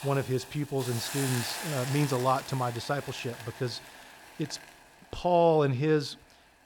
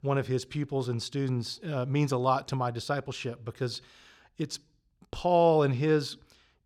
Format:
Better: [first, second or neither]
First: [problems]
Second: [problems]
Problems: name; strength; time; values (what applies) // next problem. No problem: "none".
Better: second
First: hiss; loud; throughout; 10 dB below the speech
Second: none